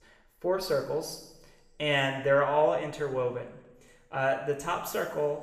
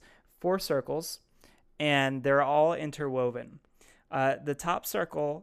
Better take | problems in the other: second | room echo; noticeable; dies away in 0.9 s // off-mic speech; somewhat distant

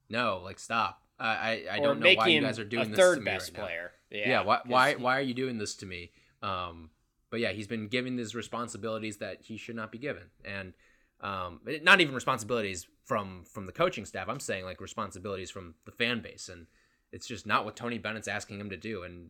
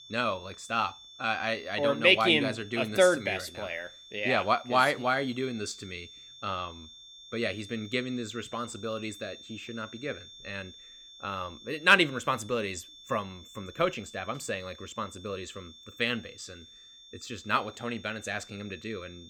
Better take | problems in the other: first | high-pitched whine; noticeable; throughout; 3.5 kHz, 20 dB below the speech

